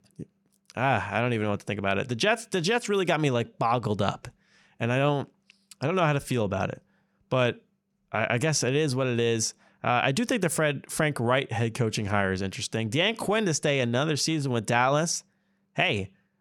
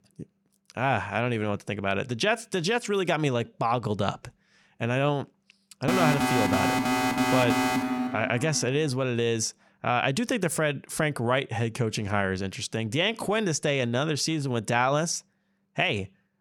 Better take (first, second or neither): first